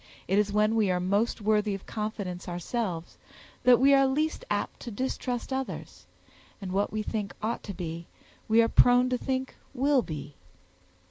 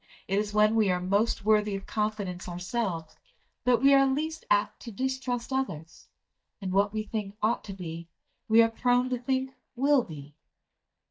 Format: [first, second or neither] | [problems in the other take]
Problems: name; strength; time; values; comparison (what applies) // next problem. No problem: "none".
first | noise reduction (neural mask model DeepFilterNet 3)